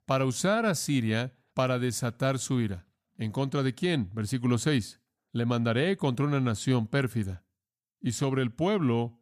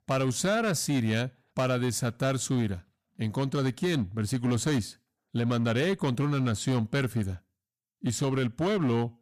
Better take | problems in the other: first | distortion; slight; 11% of the sound clipped

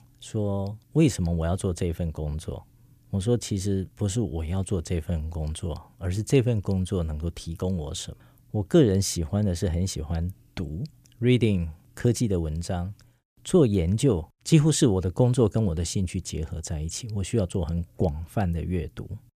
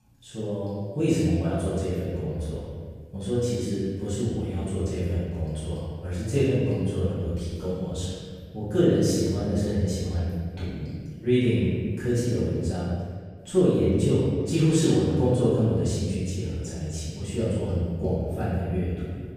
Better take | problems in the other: first | off-mic speech; far // room echo; strong; dies away in 1.6 s

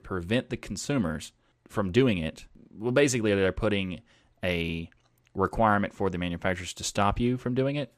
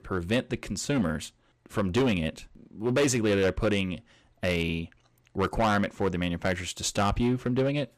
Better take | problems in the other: first | distortion; slight; 6% of the sound clipped

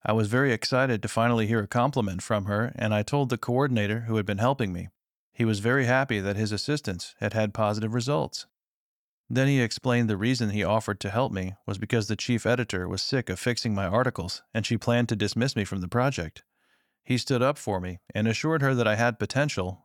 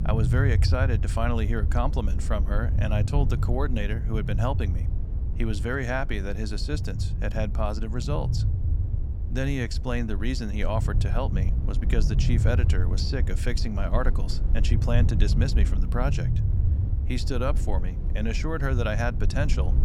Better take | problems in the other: first | low rumble; loud; throughout; 10 dB below the speech

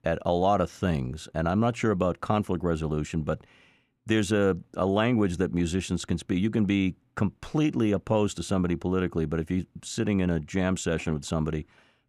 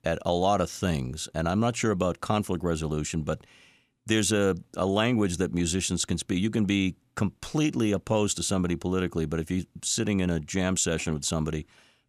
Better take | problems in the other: second | muffled; slightly; fading above 3 kHz

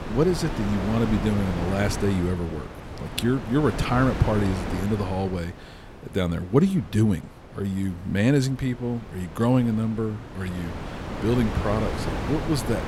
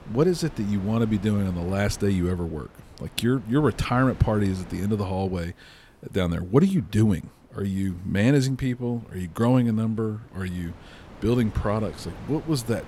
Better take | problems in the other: second | wind noise on the microphone; heavy; 6 dB below the speech; occasional gusts in the second

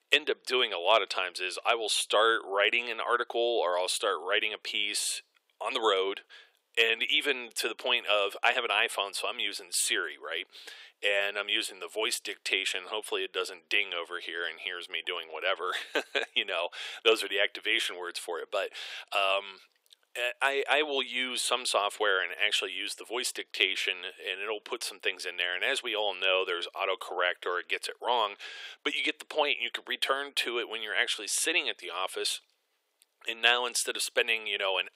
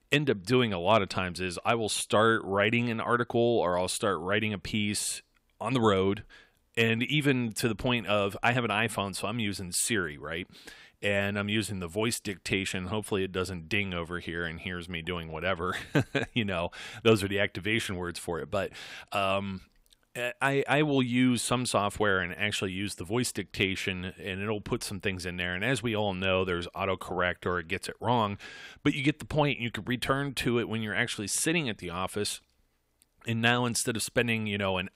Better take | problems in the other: second | thin; very; fading below 400 Hz

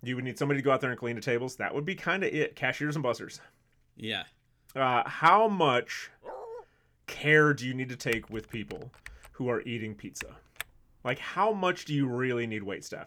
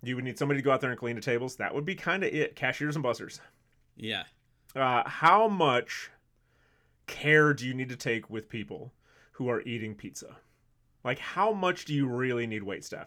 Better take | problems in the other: second | dog barking; faint; at 6 s; peak 15 dB below the speech // keyboard typing; faint; from 8 to 11 s; peak 15 dB below the speech

